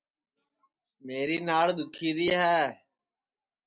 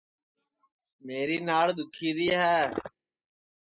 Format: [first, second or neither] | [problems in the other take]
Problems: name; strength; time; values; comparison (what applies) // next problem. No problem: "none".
first | noise reduction (classical method spectral subtraction)